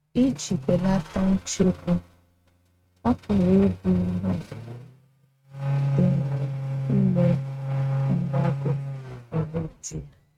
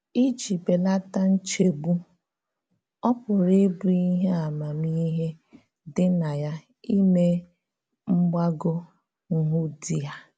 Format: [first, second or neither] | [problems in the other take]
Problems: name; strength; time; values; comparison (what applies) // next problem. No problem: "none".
second | noise reduction (neural mask model RNNoise)